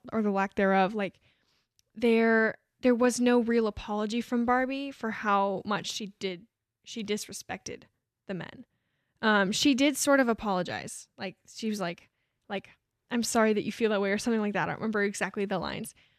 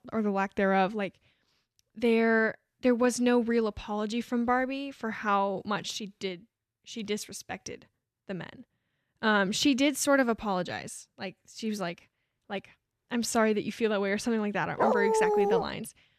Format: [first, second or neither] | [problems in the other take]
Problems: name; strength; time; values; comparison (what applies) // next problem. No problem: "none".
first | dog barking; loud; at 15 s; peak 3 dB above the speech